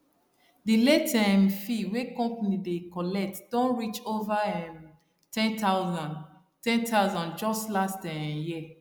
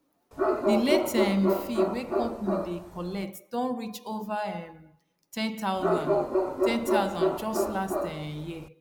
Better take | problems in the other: first | background sound (Bark); 3 dB above the speech

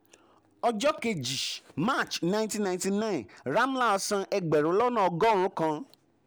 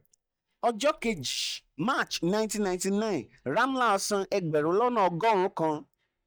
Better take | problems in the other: first | noise reduction (neural mask model DeepFilterNet 3)

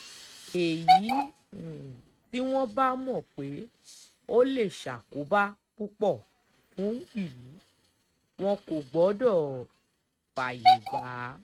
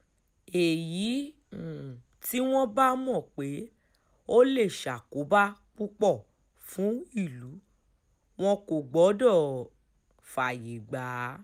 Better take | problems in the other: second | noise reduction (neural mask model RNNoise)

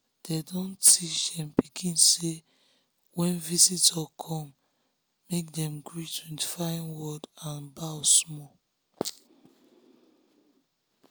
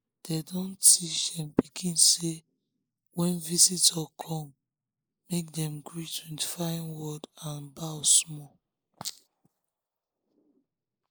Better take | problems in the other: first | noise reduction (neural mask model Resemble Enhance denoiser)

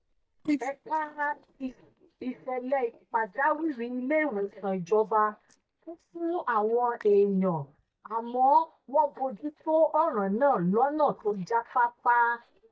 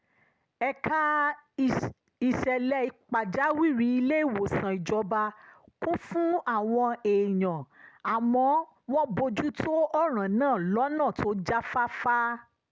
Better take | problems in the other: second | noise reduction (neural mask model DeepFilterNet 3)

